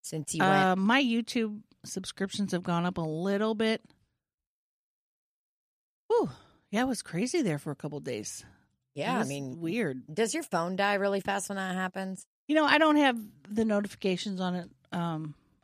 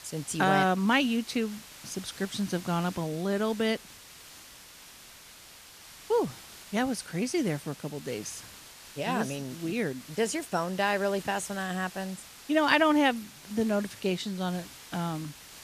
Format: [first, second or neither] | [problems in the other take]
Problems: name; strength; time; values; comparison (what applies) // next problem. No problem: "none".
first | hiss; noticeable; throughout; 15 dB below the speech